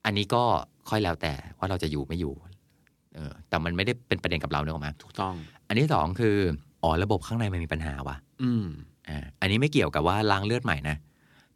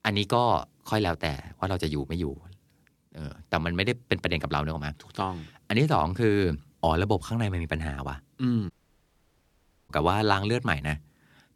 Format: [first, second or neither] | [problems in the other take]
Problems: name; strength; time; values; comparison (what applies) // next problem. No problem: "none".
first | audio cutting out; at 8.5 s for 1 s